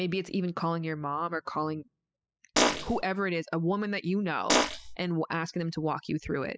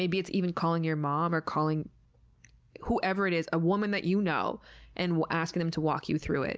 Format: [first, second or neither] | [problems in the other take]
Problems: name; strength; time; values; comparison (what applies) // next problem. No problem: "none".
second | noise reduction (classical method spectral subtraction)